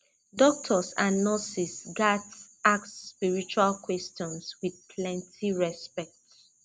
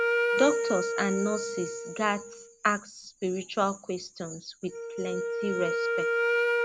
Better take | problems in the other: first | background sound (Wind instrument, woodwind instrument); 1 dB above the speech

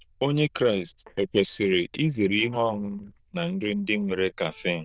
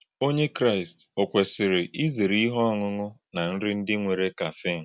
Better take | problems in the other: second | noise reduction (neural diffusion model UNIVERSE++)

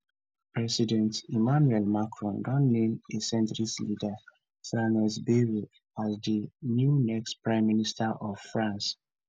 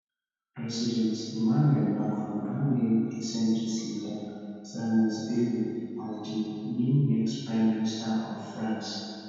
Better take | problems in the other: first | room echo; dies away in 2.1 s

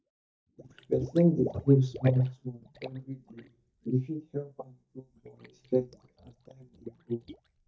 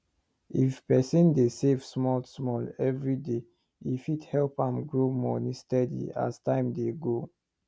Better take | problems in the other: second | noise reduction (neural mask model DeepFilterNet 3)

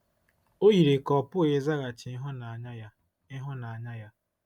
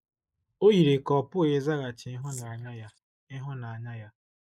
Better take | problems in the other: first | noise reduction (neural mask model Resemble Enhance denoiser)

